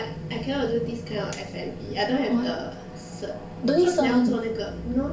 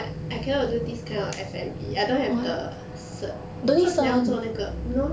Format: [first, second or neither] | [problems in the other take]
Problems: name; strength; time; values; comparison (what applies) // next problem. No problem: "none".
second | room echo; dies away in 2 s